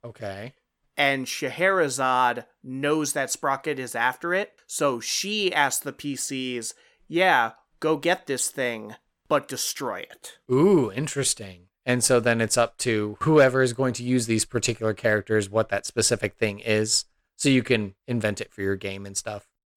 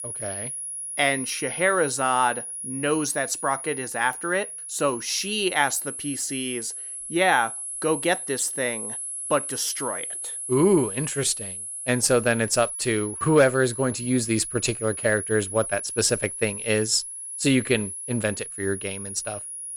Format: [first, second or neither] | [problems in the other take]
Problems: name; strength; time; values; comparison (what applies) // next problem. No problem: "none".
first | high-pitched whine; loud; throughout; 10.5 kHz, 7 dB below the speech